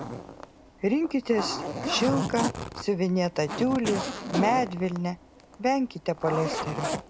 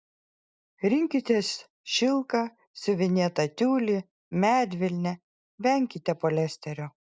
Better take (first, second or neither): second